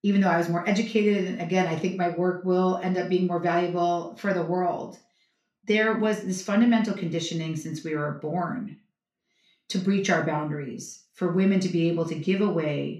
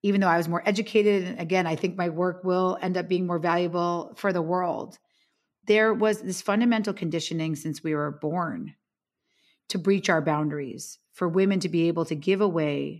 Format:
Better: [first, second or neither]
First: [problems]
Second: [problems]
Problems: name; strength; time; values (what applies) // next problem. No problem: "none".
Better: second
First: room echo; slight; dies away in 0.3 s // off-mic speech; far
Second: none